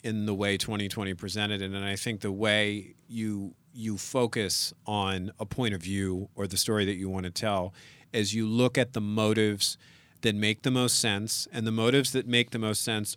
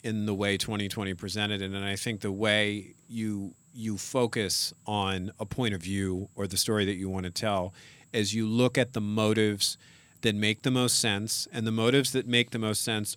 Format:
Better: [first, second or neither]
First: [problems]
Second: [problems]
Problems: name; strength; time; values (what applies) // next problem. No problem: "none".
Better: first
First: none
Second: high-pitched whine; faint; throughout; 7.5 kHz, 35 dB below the speech